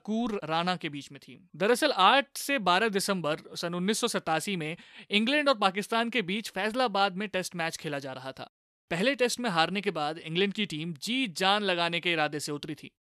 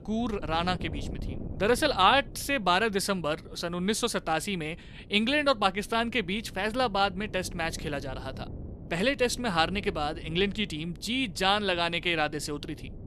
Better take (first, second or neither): first